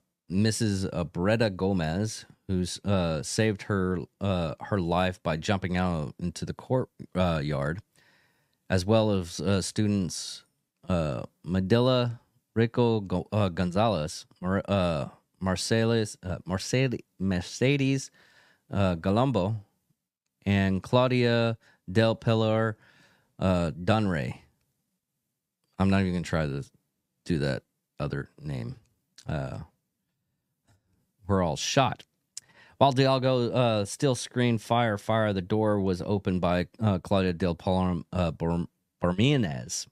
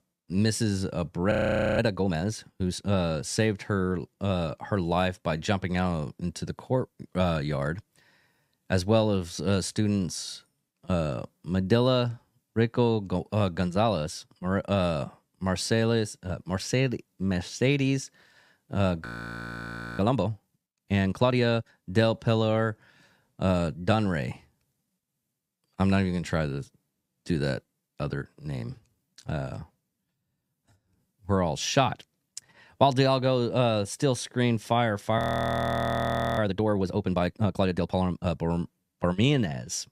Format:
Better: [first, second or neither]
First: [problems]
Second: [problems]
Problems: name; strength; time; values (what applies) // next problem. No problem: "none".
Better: first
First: none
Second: audio freezing; at 1.5 s, at 19 s for 1 s and at 35 s for 1 s